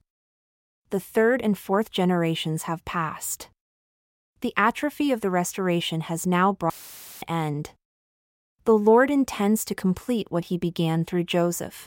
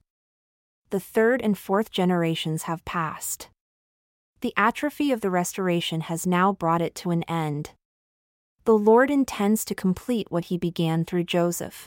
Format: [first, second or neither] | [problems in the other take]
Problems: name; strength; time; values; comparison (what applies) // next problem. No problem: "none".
second | audio cutting out; filled with static; at 6.5 s for 0.5 s